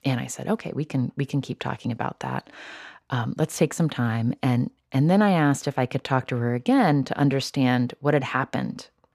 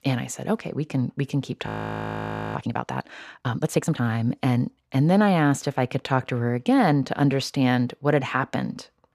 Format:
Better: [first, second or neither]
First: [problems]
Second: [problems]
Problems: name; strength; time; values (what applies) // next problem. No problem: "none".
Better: first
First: none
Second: audio freezing; at 1.5 s for 1 s